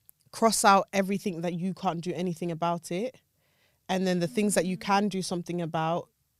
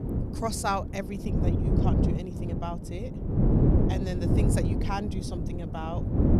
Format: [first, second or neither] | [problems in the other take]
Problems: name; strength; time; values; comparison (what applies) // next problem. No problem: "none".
first | wind noise on the microphone; heavy; 1 dB below the speech